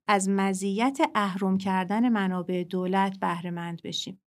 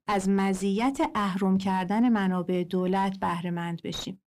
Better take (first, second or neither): first